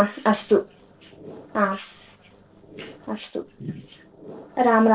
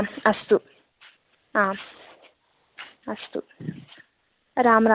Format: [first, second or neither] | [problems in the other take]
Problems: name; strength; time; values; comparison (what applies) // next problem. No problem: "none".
second | noise reduction (neural separator model SepFormer DNS4)